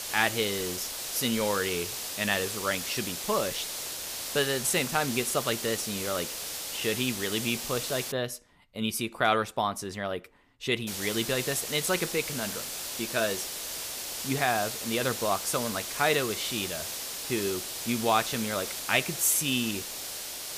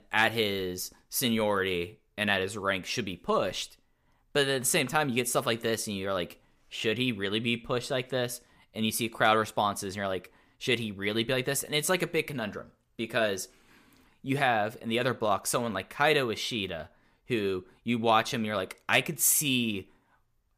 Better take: second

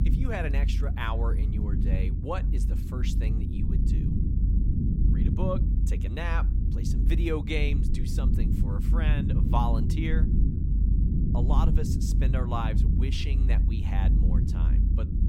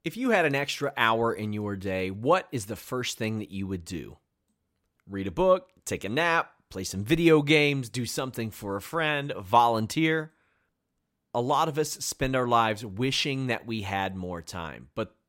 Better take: second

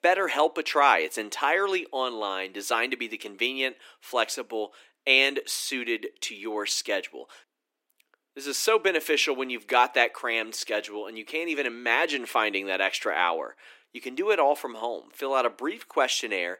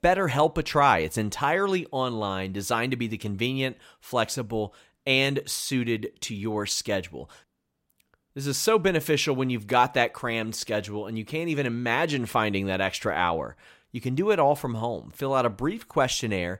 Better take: second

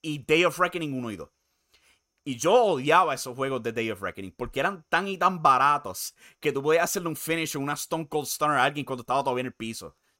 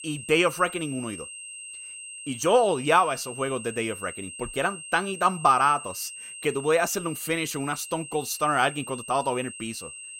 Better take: first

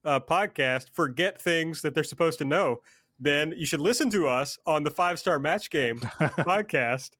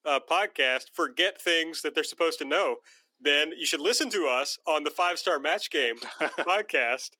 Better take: first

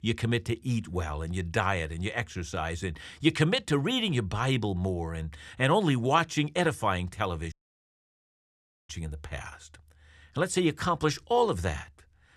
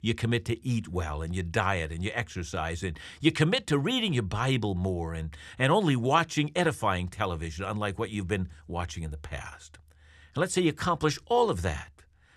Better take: second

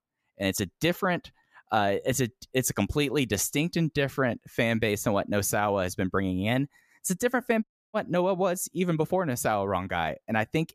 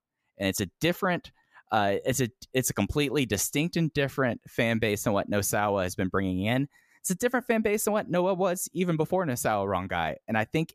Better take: second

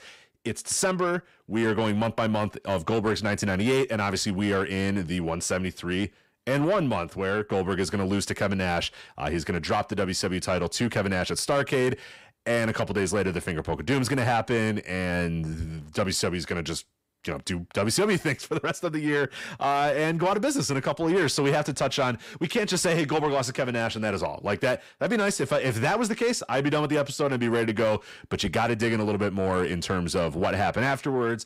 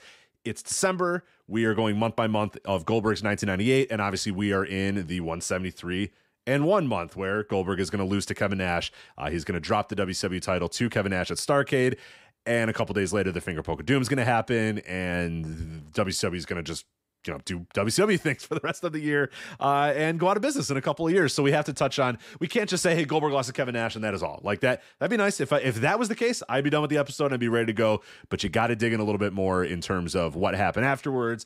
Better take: second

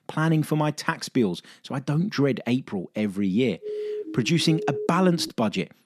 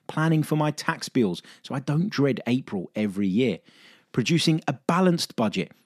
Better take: second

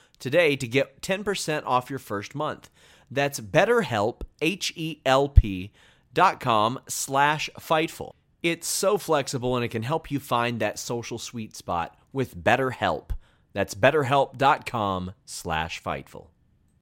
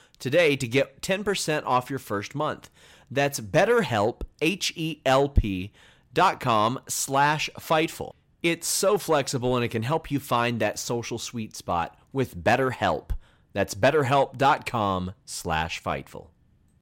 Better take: first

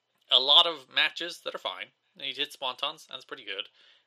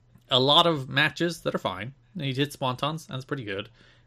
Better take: second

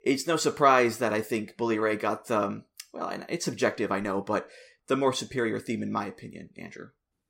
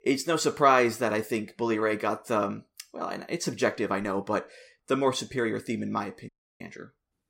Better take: first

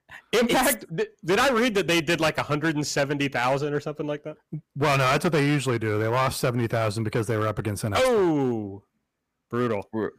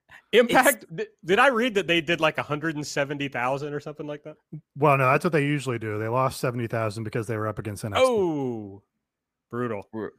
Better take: second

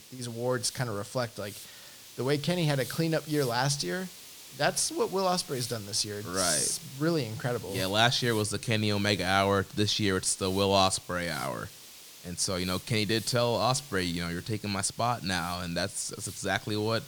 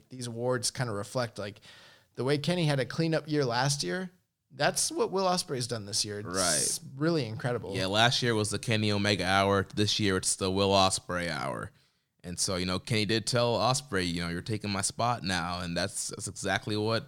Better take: second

